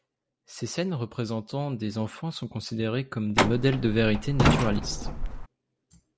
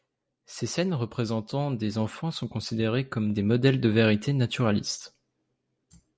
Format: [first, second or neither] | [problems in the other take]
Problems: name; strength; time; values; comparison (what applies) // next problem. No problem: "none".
second | background sound (Truck); 3 dB above the speech